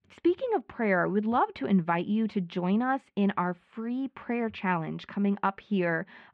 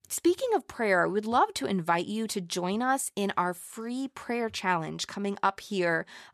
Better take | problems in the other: second | muffled; very; fading above 2.5 kHz

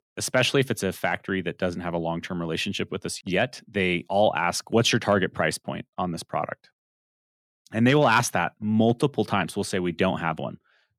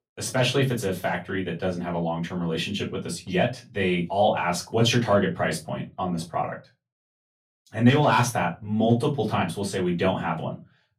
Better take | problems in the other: first | off-mic speech; far // room echo; very slight; dies away in 0.2 s

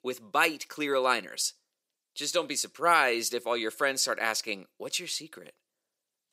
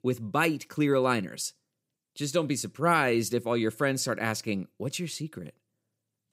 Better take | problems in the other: second | thin; somewhat; fading below 550 Hz

